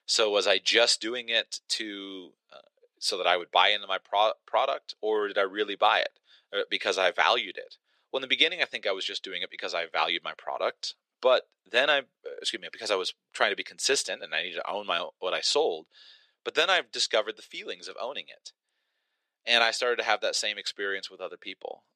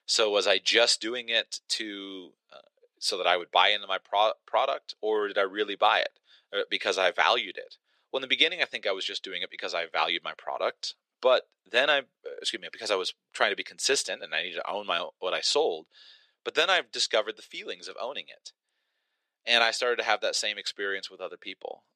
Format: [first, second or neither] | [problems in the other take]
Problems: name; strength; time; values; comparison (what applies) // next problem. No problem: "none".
neither | thin; very; fading below 450 Hz; the same in both